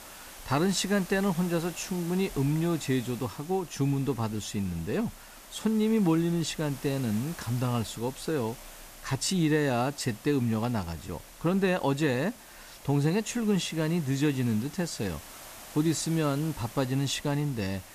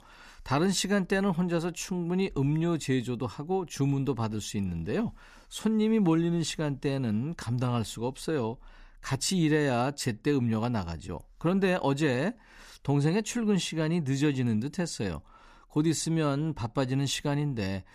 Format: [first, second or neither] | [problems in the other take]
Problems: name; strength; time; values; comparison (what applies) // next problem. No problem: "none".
second | hiss; noticeable; throughout; 15 dB below the speech